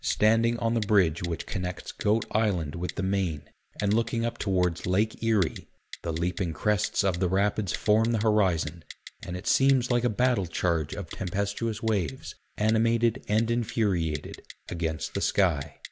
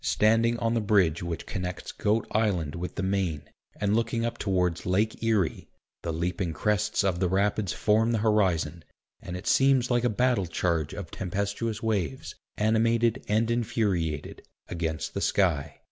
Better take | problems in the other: second | background sound (Typing); 19 dB below the speech

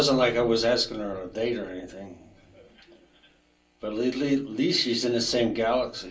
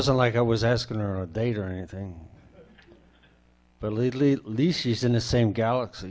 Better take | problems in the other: second | room echo; dies away in 0.3 s

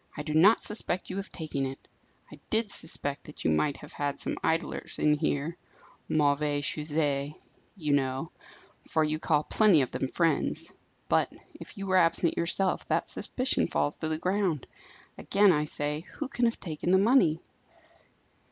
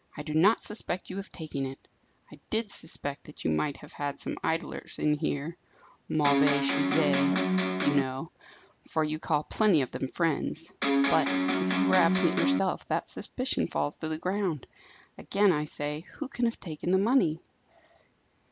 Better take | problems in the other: first | background sound (Electric guitar); 4 dB above the speech

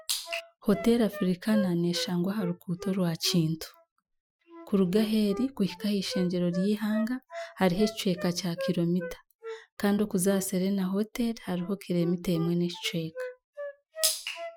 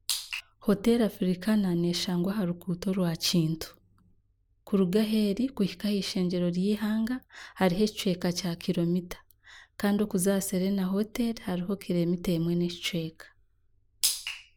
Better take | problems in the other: second | noise reduction (classical method Wiener filter)

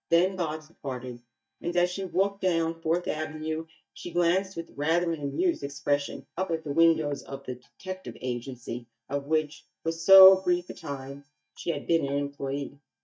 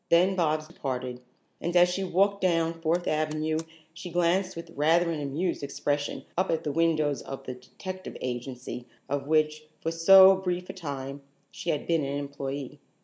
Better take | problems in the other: second | noise reduction (neural mask model DeepFilterNet 3)

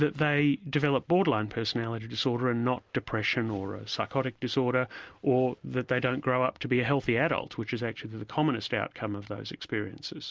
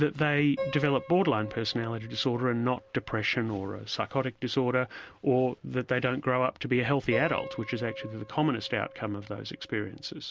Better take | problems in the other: first | background sound (Piano); 15 dB below the speech

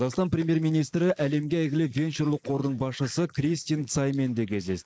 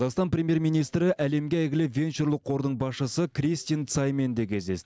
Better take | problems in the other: second | noise reduction (neural mask model Resemble Enhance denoiser)

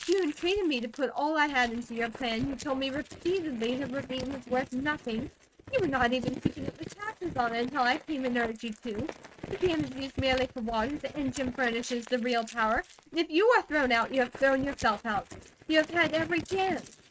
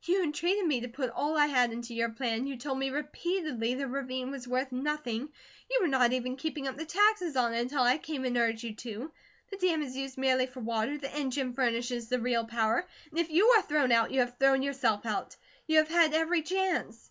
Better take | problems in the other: second | noise reduction (neural mask model RNNoise)

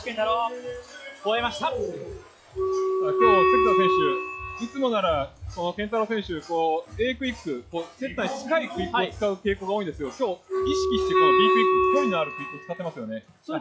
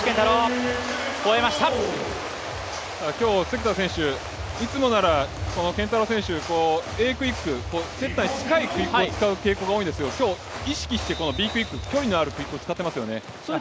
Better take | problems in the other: second | noise reduction (classical method log-MMSE)

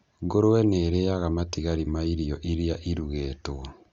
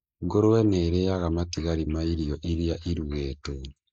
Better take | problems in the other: first | noise reduction (neural mask model Resemble Enhance denoiser)

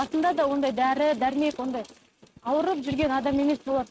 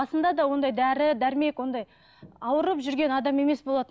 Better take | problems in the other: second | noise reduction (neural mask model RNNoise)

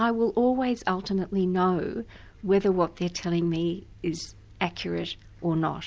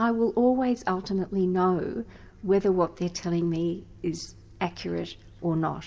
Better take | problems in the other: first | room echo; dies away in 1.1 s

